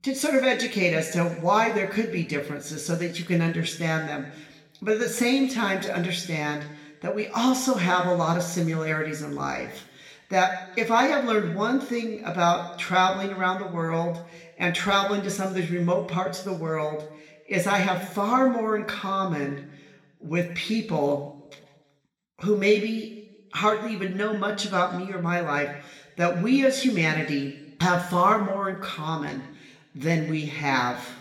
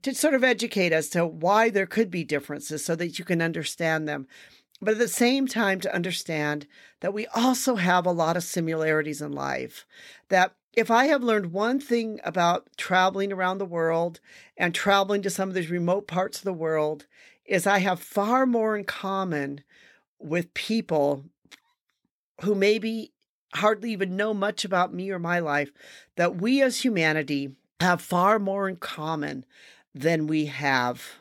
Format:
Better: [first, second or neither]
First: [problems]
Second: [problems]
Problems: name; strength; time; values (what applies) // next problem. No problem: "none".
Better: second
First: room echo; slight; dies away in 0.9 s // off-mic speech; somewhat distant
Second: none